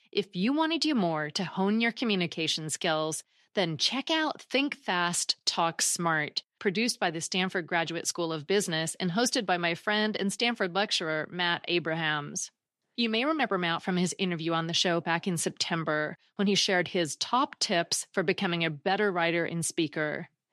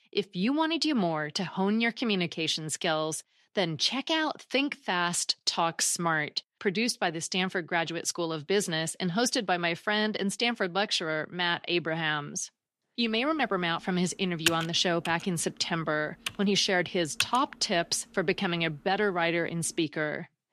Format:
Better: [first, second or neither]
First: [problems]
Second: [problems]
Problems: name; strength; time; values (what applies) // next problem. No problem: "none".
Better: first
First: none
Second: keyboard typing; noticeable; from 14 to 17 s; peak level with the speech